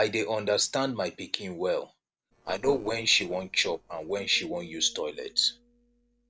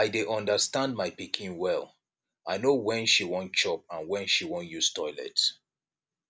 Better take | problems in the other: second | noise reduction (neural separator model SepFormer DNS4)

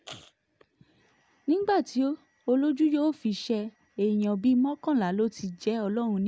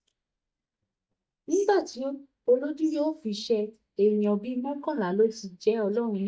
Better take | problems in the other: first | noise reduction (neural mask model DeepFilterNet 3)

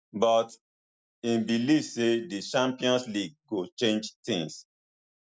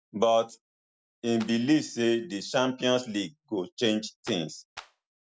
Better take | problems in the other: first | background sound (Clapping); 19 dB below the speech

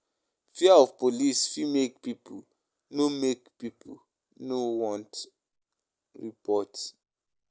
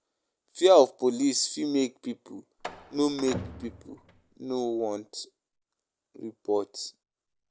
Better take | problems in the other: first | background sound (Slam); 15 dB below the speech

